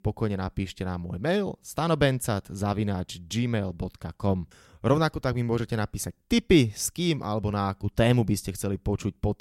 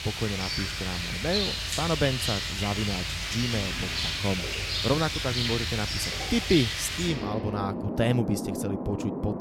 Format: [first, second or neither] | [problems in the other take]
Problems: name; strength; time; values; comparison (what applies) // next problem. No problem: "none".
first | rain or running water; very loud; throughout; as loud as the speech